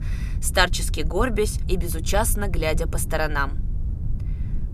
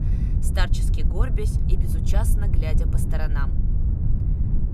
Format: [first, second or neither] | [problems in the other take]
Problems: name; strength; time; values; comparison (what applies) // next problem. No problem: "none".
first | low rumble; loud; throughout; 4 dB below the speech; faint in the first